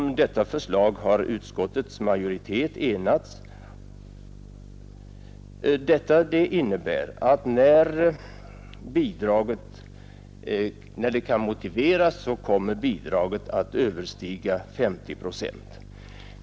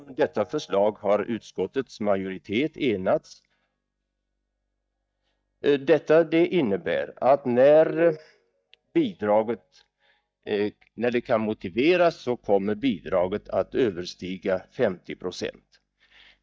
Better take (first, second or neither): first